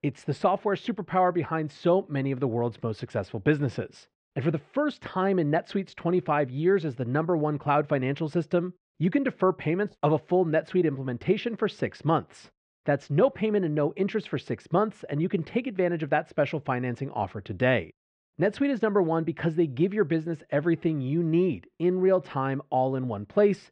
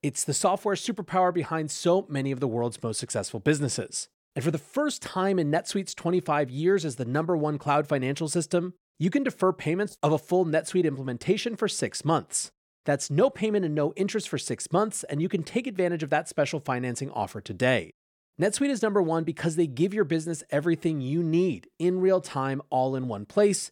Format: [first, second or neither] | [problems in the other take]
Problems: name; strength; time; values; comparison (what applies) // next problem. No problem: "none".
second | muffled; very; fading above 3 kHz